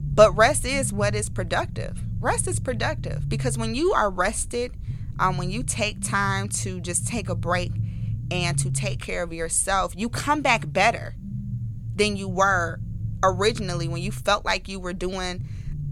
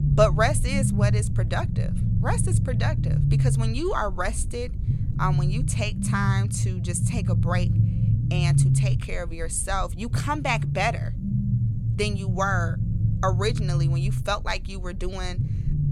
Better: first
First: low rumble; faint; throughout; 20 dB below the speech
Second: low rumble; loud; throughout; 8 dB below the speech

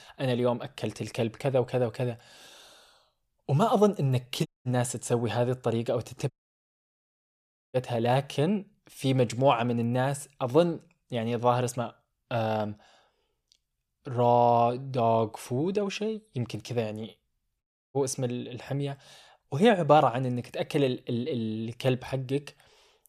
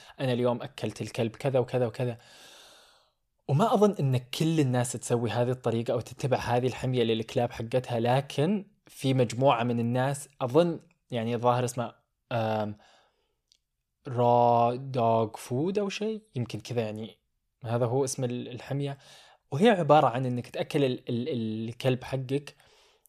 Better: second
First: audio cutting out; at 4.5 s, at 6.5 s for 1.5 s and at 18 s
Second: none

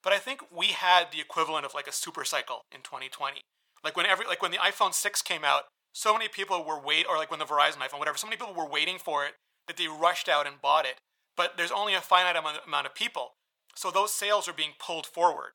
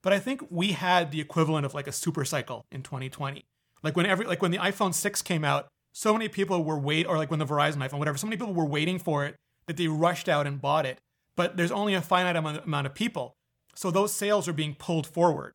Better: second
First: thin; very; fading below 750 Hz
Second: none

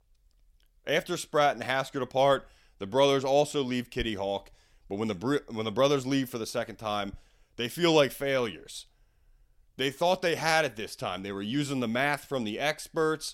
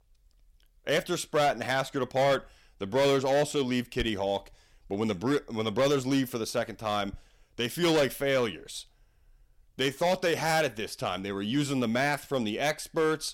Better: first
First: none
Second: distortion; slight; 5% of the sound clipped

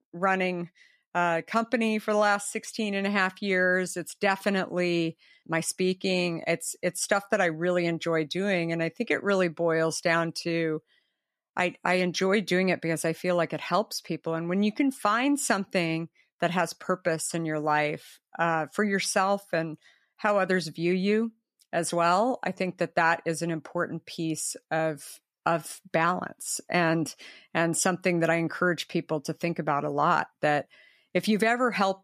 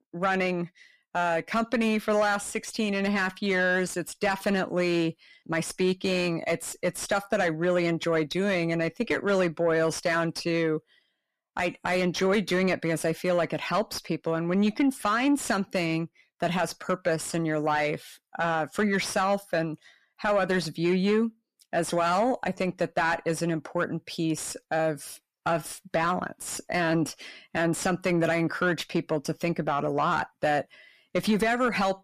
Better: first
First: none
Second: distortion; slight; 10 dB below the speech

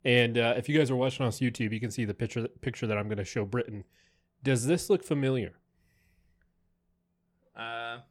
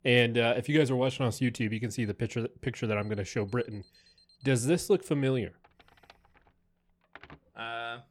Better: first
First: none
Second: alarms or sirens; faint; throughout; 30 dB below the speech

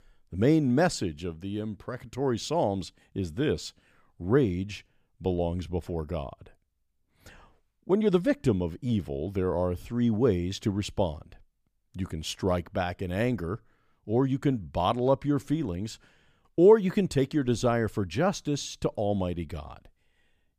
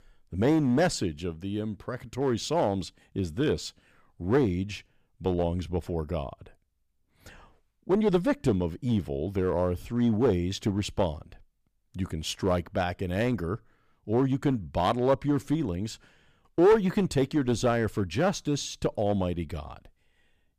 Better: first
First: none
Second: distortion; slight; 3% of the sound clipped

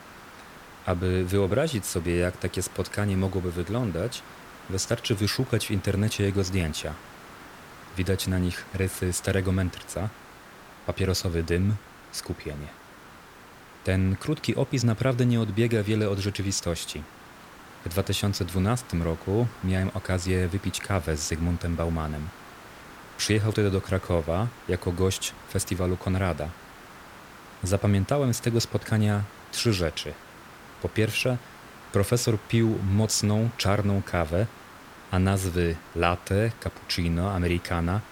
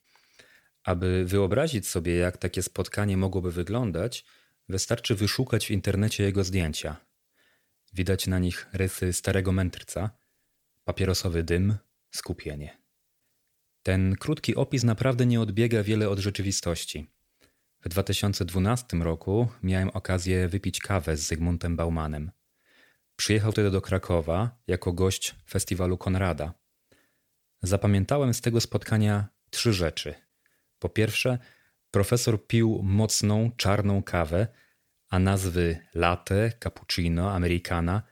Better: second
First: hiss; noticeable; throughout; 20 dB below the speech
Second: none

